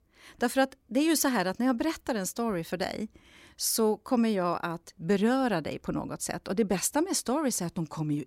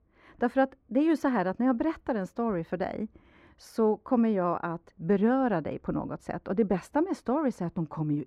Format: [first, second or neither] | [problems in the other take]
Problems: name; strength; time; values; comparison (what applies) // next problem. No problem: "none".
first | muffled; very; fading above 3.5 kHz